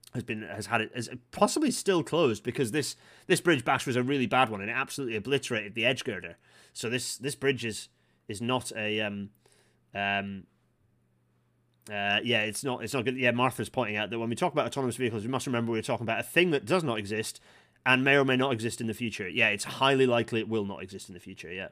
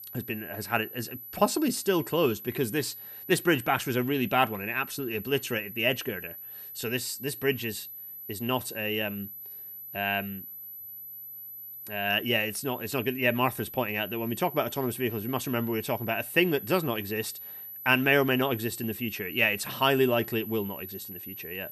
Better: first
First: none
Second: high-pitched whine; noticeable; throughout; 12 kHz, 10 dB below the speech

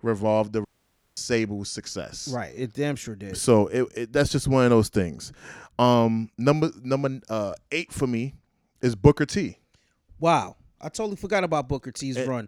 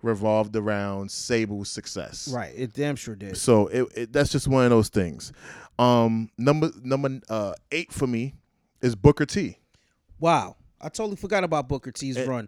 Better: second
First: audio cutting out; at 0.5 s for 0.5 s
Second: none

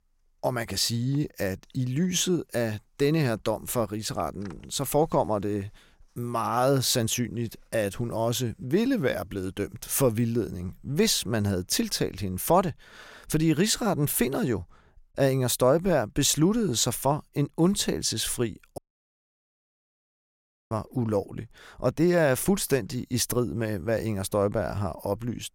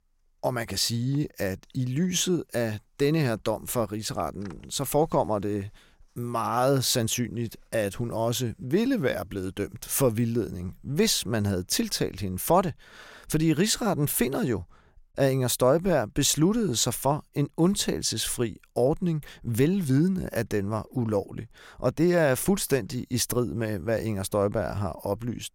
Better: second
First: audio cutting out; at 19 s for 2 s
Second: none

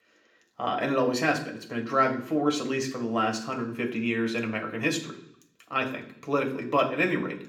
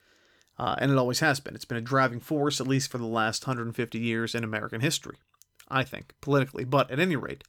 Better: second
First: room echo; slight; dies away in 0.6 s // off-mic speech; somewhat distant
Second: none

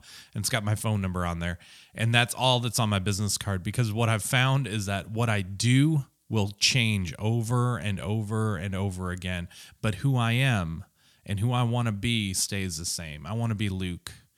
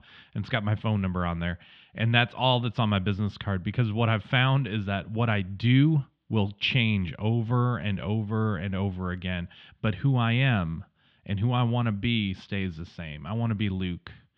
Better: first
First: none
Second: muffled; very; fading above 3.5 kHz

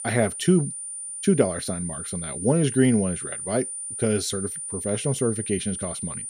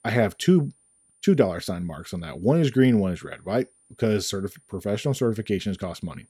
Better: second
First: high-pitched whine; loud; throughout; 9.5 kHz, 6 dB below the speech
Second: high-pitched whine; faint; throughout; 9.5 kHz, 35 dB below the speech

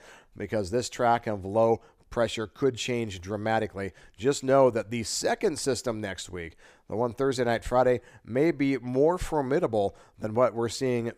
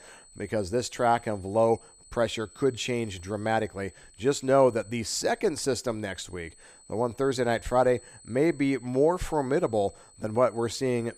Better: first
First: none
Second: high-pitched whine; faint; throughout; 8 kHz, 25 dB below the speech

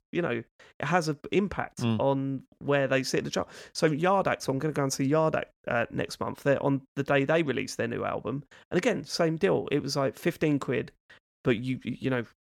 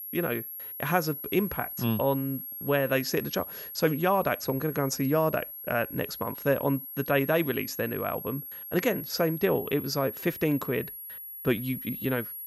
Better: first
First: none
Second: high-pitched whine; loud; throughout; 11.5 kHz, 8 dB below the speech

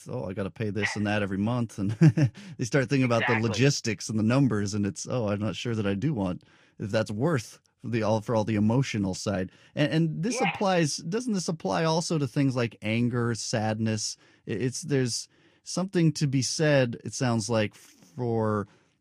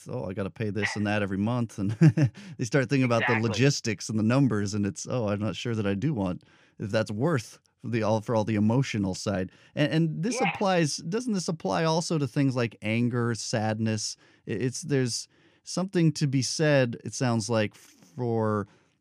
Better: second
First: garbled, watery; slightly; nothing above 15 kHz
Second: none

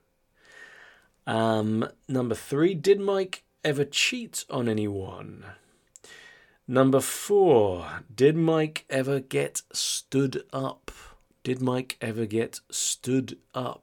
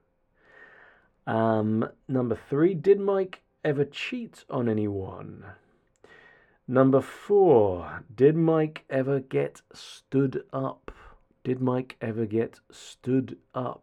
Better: first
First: none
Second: muffled; very; fading above 3 kHz

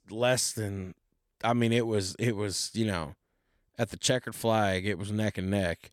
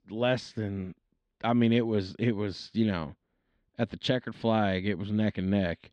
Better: first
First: none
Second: muffled; slightly; fading above 4 kHz

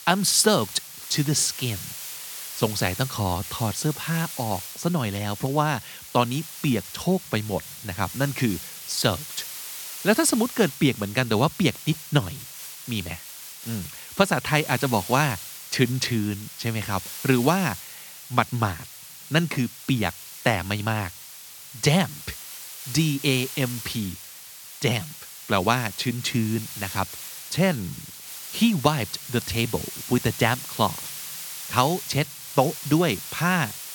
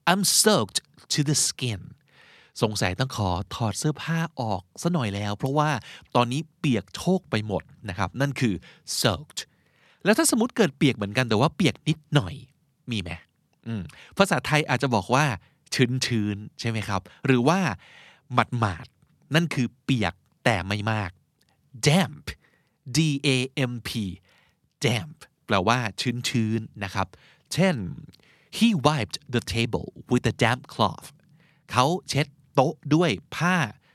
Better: second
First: hiss; noticeable; throughout; 10 dB below the speech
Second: none

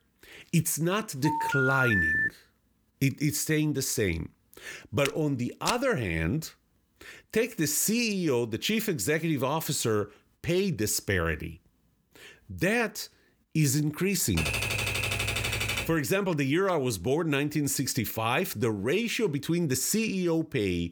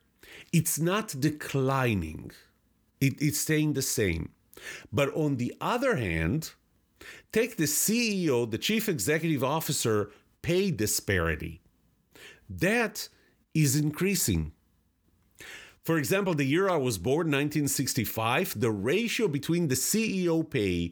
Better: second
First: phone ringing; loud; from 1 to 2.5 s; peak 4 dB above the speech // footsteps; noticeable; at 5 s; peak 6 dB below the speech // keyboard typing; loud; from 14 to 16 s; peak level with the speech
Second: none

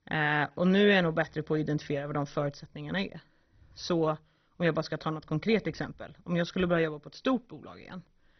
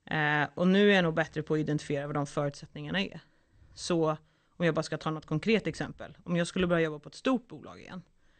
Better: second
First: garbled, watery; badly; nothing above 6 kHz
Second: garbled, watery; slightly; nothing above 8.5 kHz

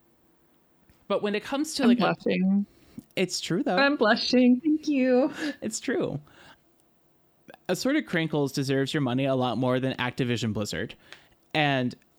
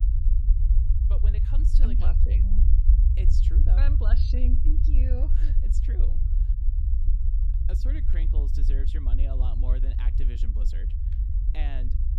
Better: first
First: none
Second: low rumble; loud; throughout; 1 dB below the speech

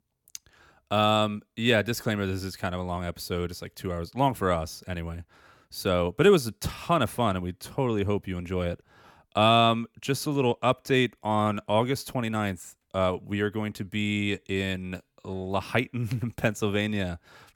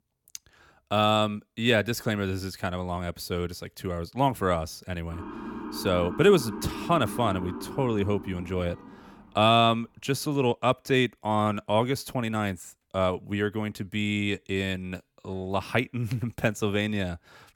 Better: first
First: none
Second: siren; noticeable; from 5 to 9.5 s; peak 9 dB below the speech

